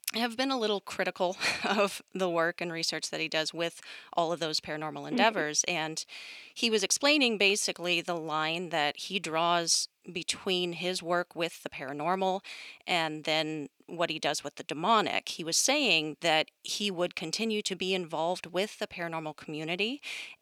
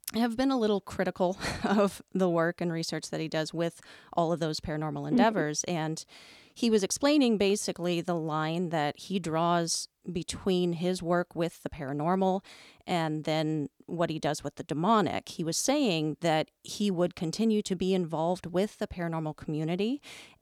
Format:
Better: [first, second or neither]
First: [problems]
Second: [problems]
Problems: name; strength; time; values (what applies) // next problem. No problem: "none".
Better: second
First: thin; very slightly; fading below 600 Hz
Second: none